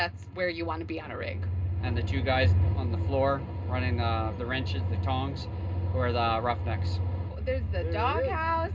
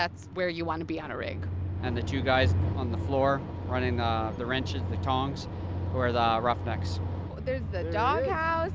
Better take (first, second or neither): second